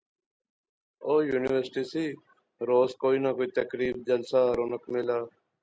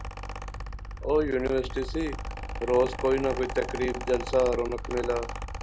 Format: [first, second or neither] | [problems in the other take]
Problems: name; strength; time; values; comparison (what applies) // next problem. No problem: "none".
first | background sound (Mechanical fan); 7 dB below the speech